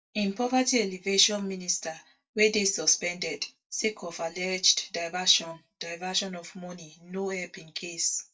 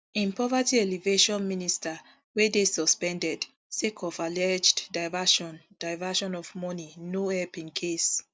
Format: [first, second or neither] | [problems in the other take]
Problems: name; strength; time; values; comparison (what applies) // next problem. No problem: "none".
second | noise reduction (neural mask model DeepFilterNet 3)